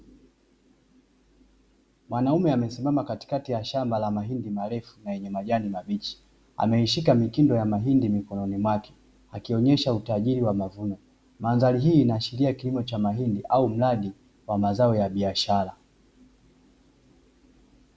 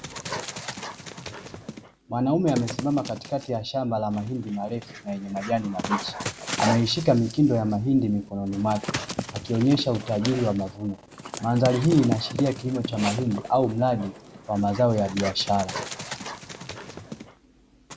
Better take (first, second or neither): first